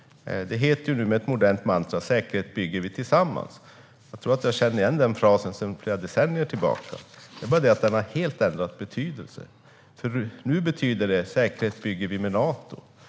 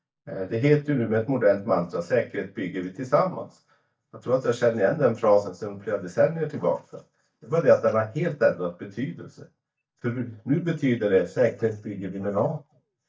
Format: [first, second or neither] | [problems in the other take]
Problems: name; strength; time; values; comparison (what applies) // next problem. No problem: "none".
first | noise reduction (neural mask model DeepFilterNet 3)